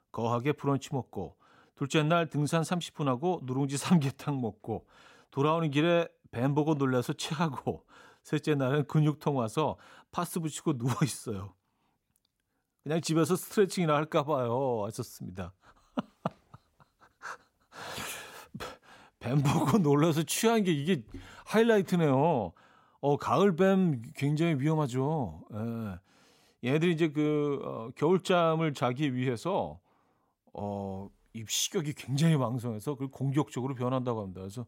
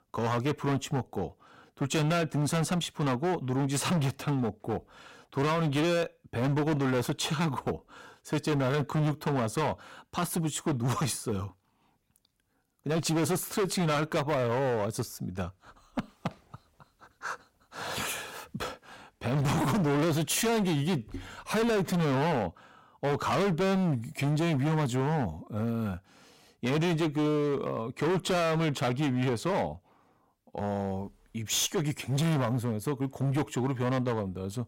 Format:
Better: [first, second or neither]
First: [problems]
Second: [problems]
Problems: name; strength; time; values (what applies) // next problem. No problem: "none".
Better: first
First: none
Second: distortion; heavy; 20% of the sound clipped